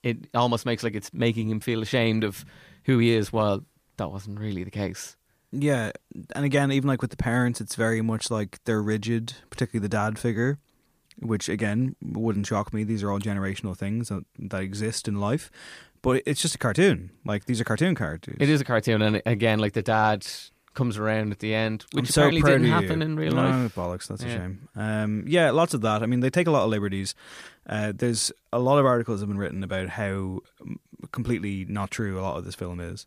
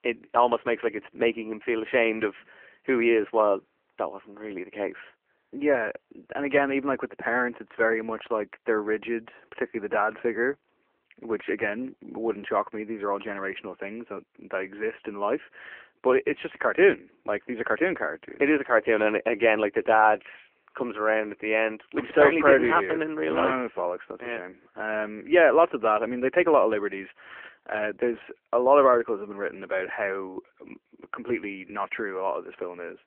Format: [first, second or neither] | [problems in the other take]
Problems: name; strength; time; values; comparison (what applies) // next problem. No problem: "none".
first | phone-call audio